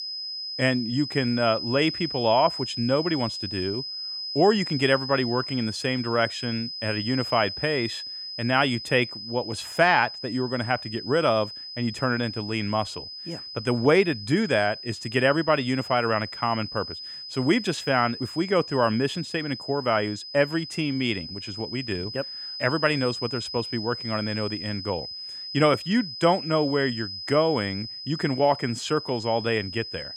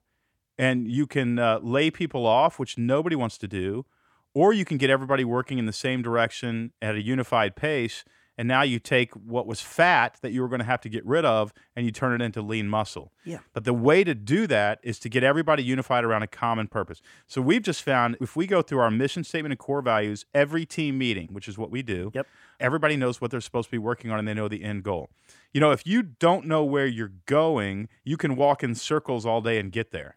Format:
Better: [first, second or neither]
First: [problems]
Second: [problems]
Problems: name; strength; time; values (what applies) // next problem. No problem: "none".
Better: second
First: high-pitched whine; loud; throughout; 5 kHz, 8 dB below the speech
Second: none